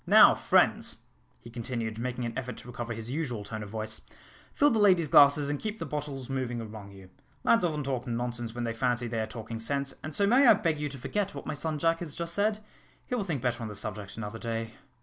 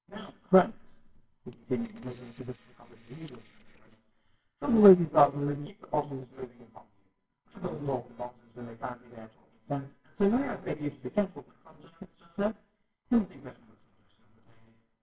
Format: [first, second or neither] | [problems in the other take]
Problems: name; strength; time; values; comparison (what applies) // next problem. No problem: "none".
first | noise reduction (neural separator model SepFormer WHAMR!)